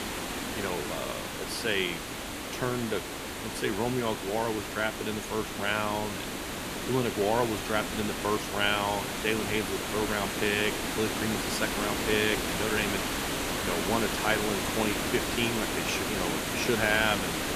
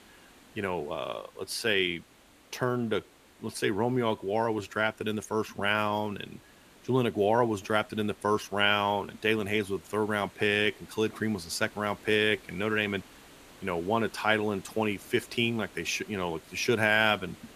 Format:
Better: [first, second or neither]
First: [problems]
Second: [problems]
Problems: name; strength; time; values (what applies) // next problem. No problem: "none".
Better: second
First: hiss; loud; throughout; 1 dB below the speech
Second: hiss; faint; throughout; 25 dB below the speech